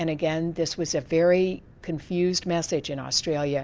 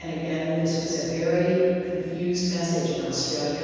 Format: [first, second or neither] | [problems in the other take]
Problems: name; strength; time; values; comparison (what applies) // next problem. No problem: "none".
first | room echo; dies away in 2.1 s